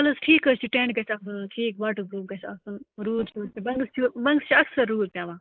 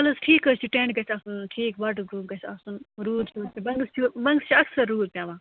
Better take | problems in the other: second | noise reduction (neural mask model Resemble Enhance denoiser)

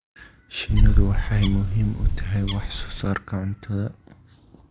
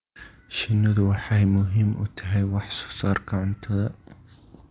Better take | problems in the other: second | background sound (Bird); 5 dB above the speech

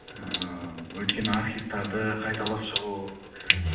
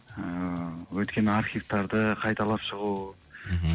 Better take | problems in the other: second | background sound (Trickle, dribble / Sink (filling or washing) / Water tap, faucet); 2 dB below the speech // room echo; dies away in 0.6 s

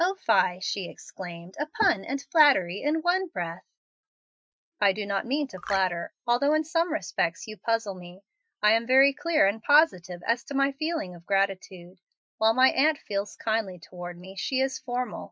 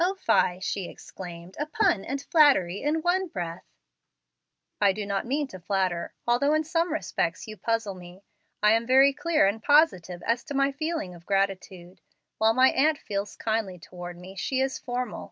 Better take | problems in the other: second | noise reduction (classical method Wiener filter)

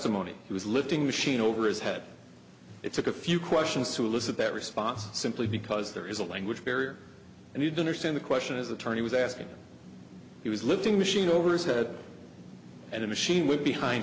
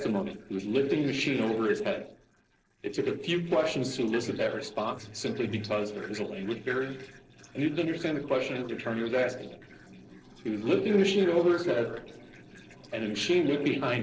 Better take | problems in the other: first | noise reduction (neural separator model SepFormer DNS4)

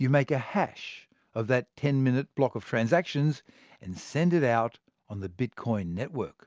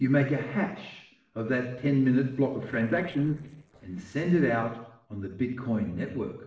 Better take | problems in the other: first | noise reduction (neural separator model SepFormer DNS4)

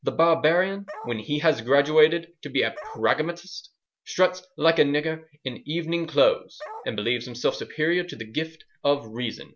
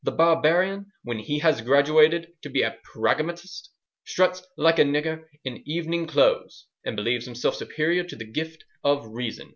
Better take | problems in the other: second | background sound (Bark); 15 dB below the speech

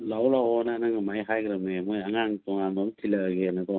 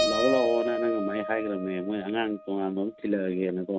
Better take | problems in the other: first | background sound (Keyboard (musical)); 4 dB below the speech

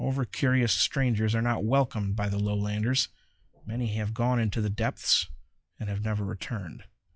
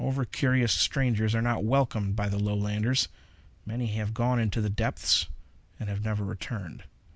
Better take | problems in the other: second | noise reduction (classical method log-MMSE)

